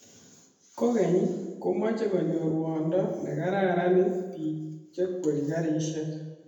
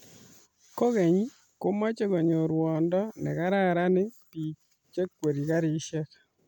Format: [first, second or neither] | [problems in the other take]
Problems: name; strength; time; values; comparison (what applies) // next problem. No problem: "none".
second | room echo; dies away in 1 s